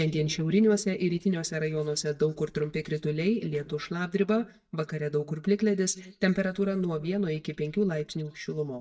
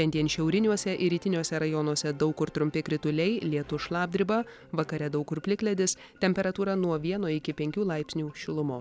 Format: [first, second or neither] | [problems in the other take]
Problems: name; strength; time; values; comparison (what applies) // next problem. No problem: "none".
second | noise reduction (neural mask model DeepFilterNet 3)